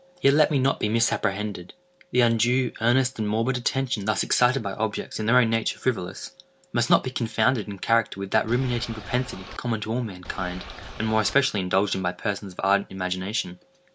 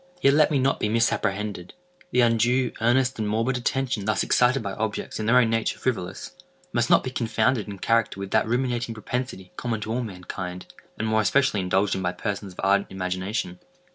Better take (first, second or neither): second